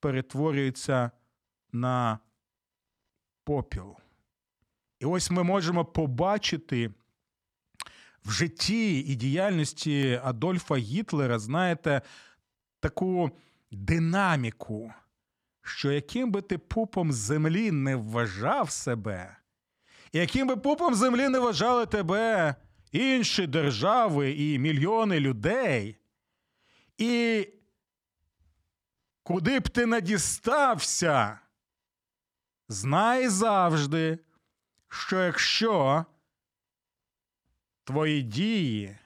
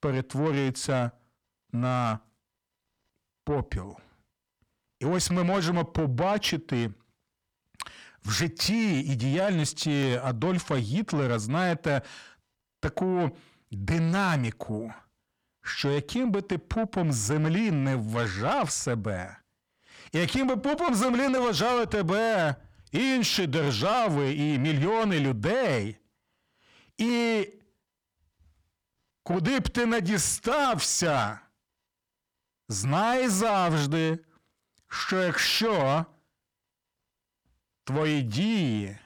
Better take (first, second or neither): first